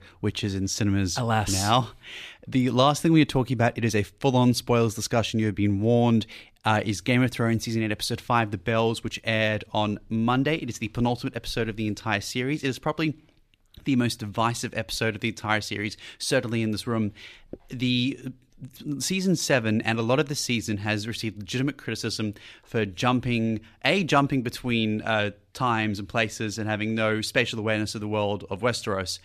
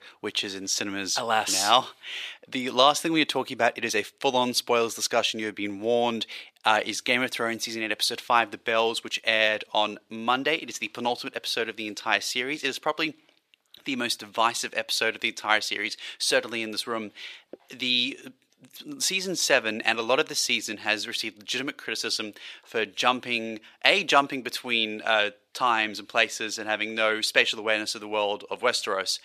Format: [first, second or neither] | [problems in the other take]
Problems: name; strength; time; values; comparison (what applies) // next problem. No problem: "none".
first | thin; somewhat; fading below 450 Hz